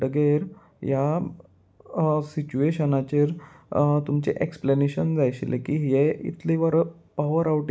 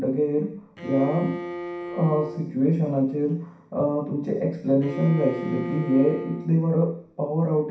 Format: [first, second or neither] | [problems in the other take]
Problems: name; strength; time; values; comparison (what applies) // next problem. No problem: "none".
first | background sound (Bowed string instrument); 11 dB below the speech // room echo; dies away in 0.6 s